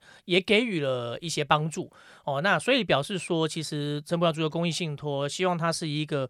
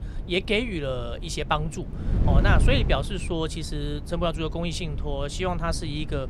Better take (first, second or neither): first